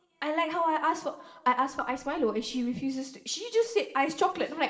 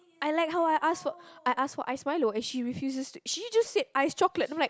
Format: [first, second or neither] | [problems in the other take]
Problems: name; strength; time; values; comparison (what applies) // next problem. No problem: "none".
second | noise reduction (neural separator model SepFormer DNS4)